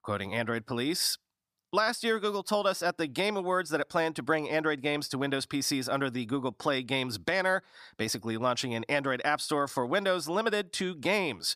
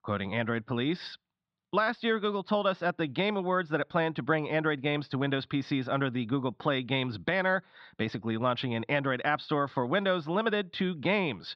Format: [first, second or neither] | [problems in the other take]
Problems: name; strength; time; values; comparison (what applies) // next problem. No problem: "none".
first | muffled; very; fading above 3.5 kHz